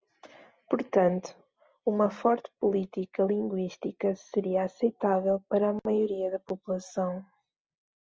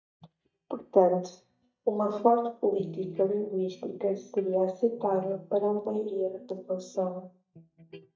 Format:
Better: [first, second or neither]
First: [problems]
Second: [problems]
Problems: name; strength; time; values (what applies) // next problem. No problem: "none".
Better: first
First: none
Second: noise reduction (neural mask model DeepFilterNet 3)